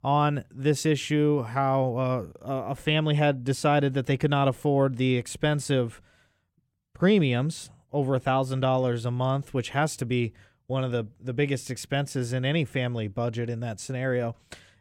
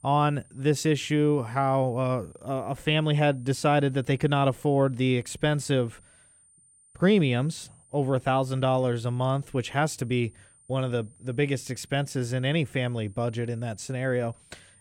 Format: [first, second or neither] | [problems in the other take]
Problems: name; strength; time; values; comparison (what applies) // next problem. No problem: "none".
first | high-pitched whine; faint; throughout; 9 kHz, 30 dB below the speech